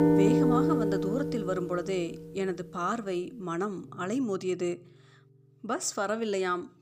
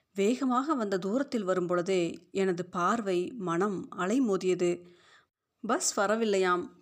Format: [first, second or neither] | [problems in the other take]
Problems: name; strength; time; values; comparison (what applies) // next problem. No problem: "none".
second | background music; very loud; throughout; 4 dB above the speech